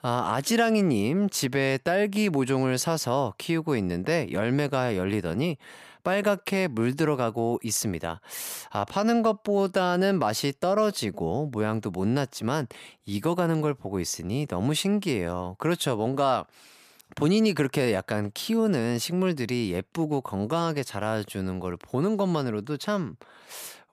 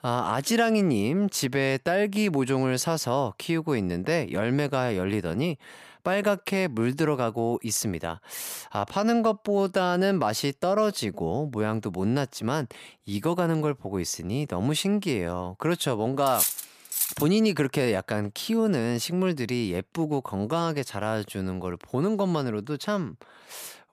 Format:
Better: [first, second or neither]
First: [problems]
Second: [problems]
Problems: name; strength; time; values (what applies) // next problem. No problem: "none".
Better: first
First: none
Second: clattering dishes; loud; at 16 s; peak 2 dB above the speech